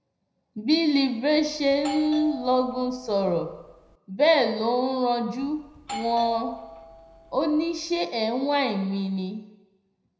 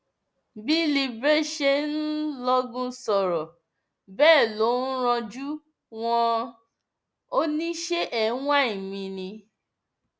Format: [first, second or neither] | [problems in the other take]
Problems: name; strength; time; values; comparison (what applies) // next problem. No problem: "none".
second | background sound (Doorbell); 15 dB below the speech // room echo; dies away in 0.7 s